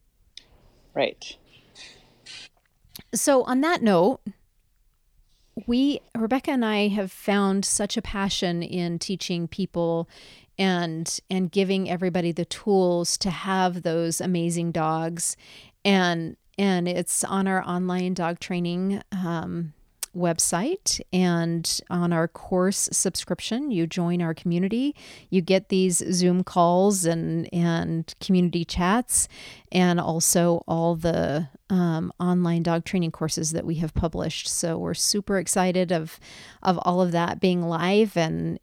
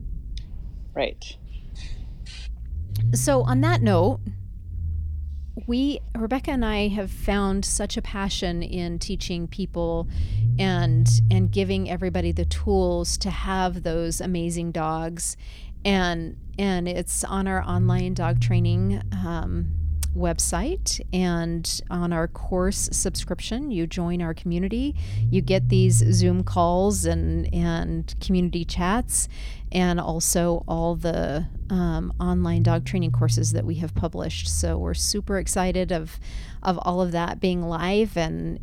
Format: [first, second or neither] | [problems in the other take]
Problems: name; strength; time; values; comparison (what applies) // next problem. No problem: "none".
first | low rumble; noticeable; throughout; 15 dB below the speech